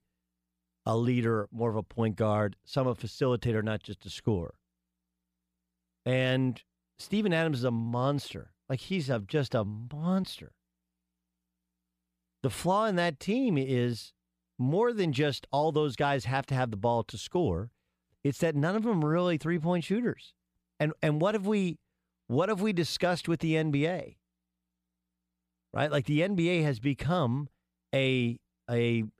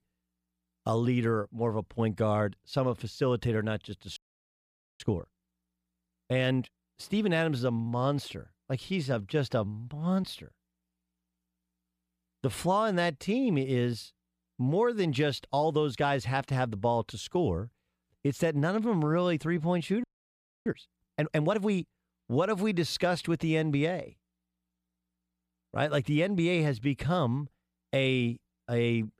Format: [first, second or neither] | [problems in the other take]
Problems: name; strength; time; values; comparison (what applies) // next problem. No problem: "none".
first | audio freezing; at 4 s for 1 s and at 20 s for 0.5 s